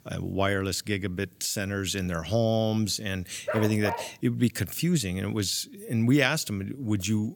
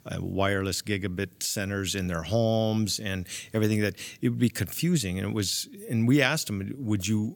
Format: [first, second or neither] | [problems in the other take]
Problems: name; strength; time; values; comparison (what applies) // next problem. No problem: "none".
second | dog barking; noticeable; at 3.5 s; peak 6 dB below the speech